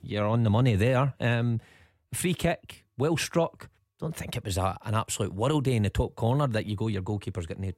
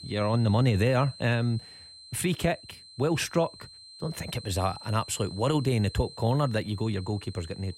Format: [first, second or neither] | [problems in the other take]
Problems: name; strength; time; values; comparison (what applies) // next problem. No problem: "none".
first | high-pitched whine; noticeable; throughout; 4 kHz, 15 dB below the speech